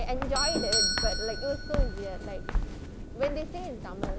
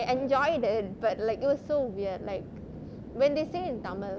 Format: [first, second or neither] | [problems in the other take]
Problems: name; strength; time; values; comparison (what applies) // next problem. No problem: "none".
second | background sound (Doorbell + Walk, footsteps); 4 dB above the speech